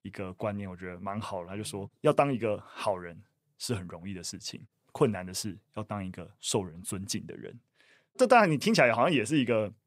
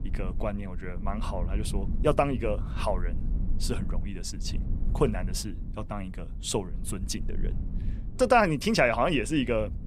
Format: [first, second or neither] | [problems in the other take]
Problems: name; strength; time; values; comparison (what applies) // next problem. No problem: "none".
first | low rumble; faint; throughout; 20 dB below the speech